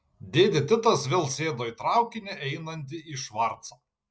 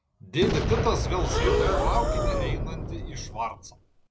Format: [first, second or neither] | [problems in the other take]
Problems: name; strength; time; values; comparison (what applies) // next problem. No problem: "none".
first | background sound (Breathing + Boom); 4 dB above the speech